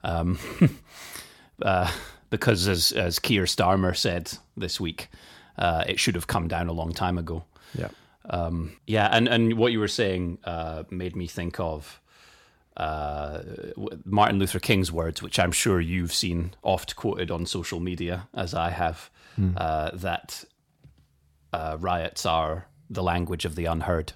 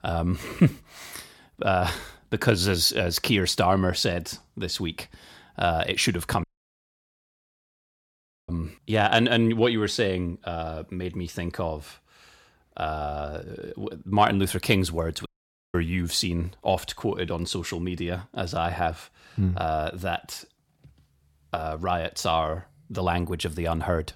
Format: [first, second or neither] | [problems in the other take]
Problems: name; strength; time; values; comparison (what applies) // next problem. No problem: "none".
first | audio cutting out; at 6.5 s for 2 s and at 15 s